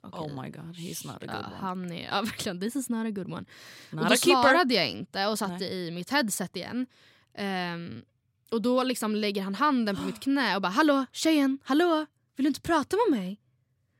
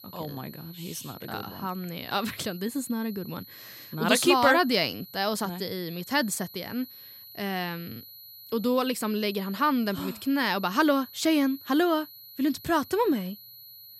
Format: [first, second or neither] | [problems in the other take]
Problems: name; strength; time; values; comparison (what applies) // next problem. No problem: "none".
first | high-pitched whine; noticeable; throughout; 12 kHz, 15 dB below the speech